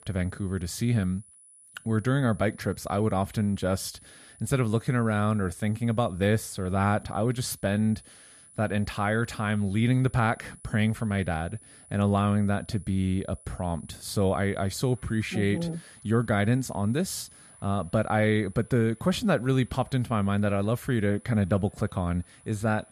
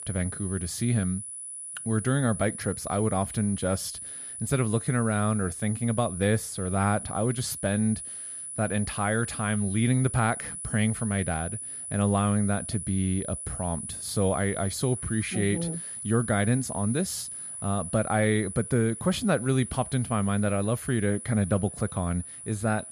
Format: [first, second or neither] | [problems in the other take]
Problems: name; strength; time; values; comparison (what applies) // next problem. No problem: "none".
first | high-pitched whine; loud; throughout; 10 kHz, 8 dB below the speech; faint in the first